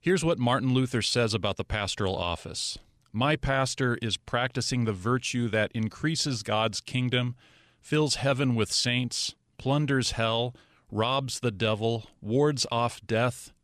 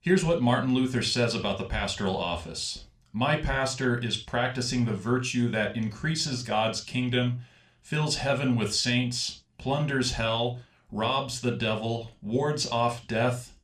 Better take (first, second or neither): first